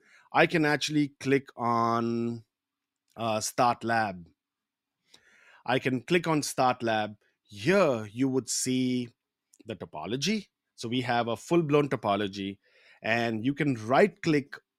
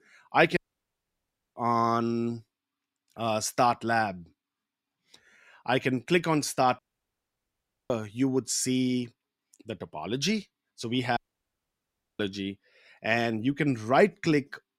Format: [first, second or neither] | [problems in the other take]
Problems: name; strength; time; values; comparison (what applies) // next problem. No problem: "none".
first | audio cutting out; at 0.5 s for 1 s, at 7 s for 1 s and at 11 s for 1 s